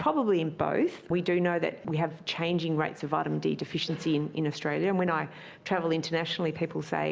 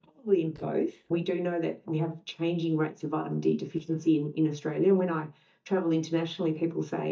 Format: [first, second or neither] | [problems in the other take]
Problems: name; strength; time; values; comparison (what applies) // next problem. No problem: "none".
first | noise reduction (neural mask model DeepFilterNet 3)